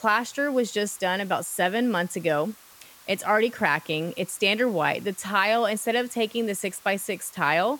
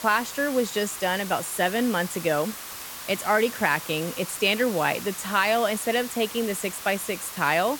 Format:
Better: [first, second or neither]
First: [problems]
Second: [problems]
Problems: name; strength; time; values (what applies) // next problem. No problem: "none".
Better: first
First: hiss; faint; throughout; 25 dB below the speech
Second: hiss; loud; throughout; 10 dB below the speech